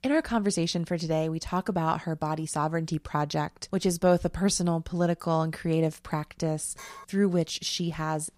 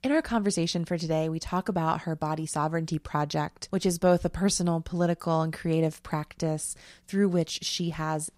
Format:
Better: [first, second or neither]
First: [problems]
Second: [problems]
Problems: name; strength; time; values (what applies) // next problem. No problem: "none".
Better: second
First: clattering dishes; faint; at 7 s; peak 15 dB below the speech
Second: none